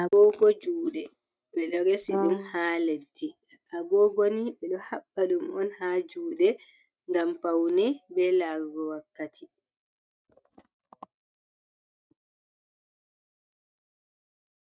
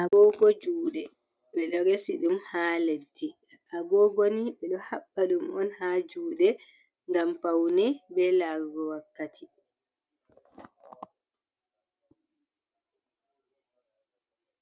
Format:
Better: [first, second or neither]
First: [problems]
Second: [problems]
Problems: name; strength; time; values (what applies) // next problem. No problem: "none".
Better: second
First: noise reduction (neural mask model RNNoise)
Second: none